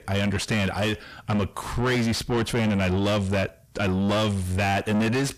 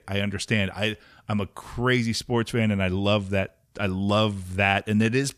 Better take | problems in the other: second | distortion; heavy; 5 dB below the speech

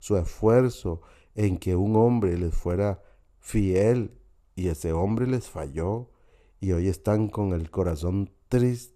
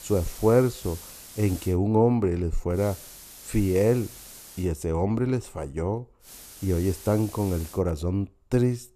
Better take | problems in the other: first | hiss; noticeable; until 1.5 s, from 3 to 4.5 s and from 6.5 to 8 s; 15 dB below the speech

